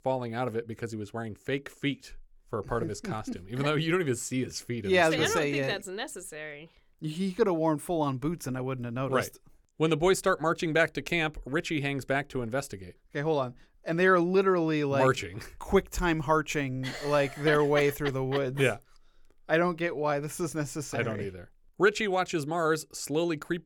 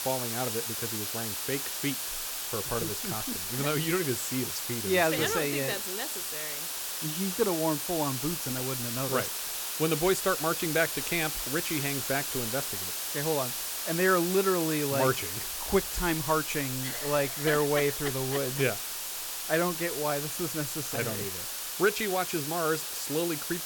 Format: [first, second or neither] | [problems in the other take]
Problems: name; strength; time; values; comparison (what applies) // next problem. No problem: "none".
first | hiss; loud; throughout; 1 dB below the speech